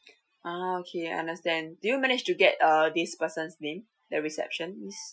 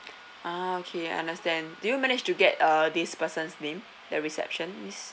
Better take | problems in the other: second | noise reduction (classical method Wiener filter)

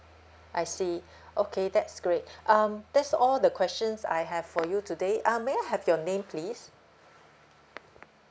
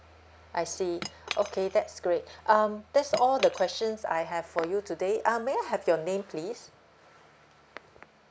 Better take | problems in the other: first | background sound (Cutlery, silverware / Chink, clink); 14 dB below the speech

